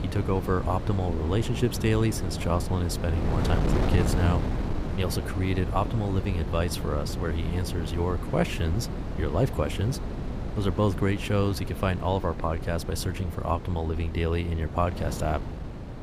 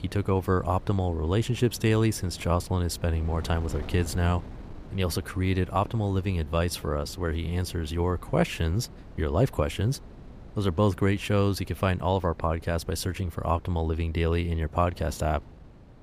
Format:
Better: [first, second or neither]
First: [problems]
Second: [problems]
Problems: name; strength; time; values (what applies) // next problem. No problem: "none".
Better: second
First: wind noise on the microphone; heavy; 7 dB below the speech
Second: wind noise on the microphone; occasional gusts; 20 dB below the speech